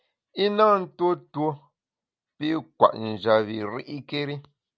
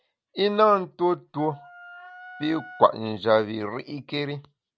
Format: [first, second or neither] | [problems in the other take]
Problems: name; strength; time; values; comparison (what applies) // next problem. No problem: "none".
first | background sound (Wind instrument, woodwind instrument); 19 dB below the speech